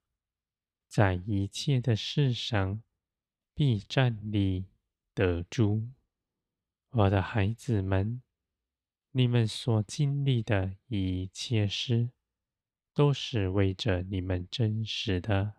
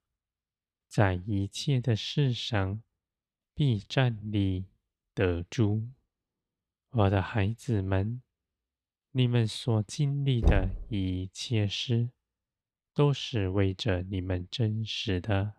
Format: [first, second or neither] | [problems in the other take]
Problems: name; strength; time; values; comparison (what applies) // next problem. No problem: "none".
first | door banging; loud; at 10 s; peak 1 dB above the speech